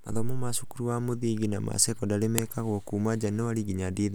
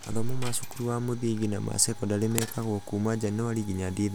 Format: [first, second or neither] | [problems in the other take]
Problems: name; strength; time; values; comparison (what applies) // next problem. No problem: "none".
first | background sound (Coin (dropping)); 19 dB below the speech